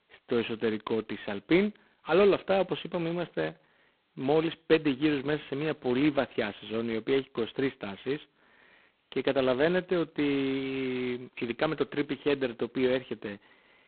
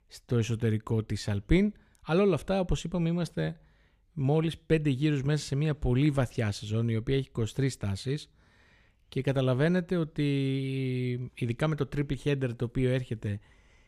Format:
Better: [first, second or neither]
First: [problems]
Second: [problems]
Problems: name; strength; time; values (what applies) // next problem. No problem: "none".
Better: second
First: phone-call audio; poor line; nothing above 4 kHz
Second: none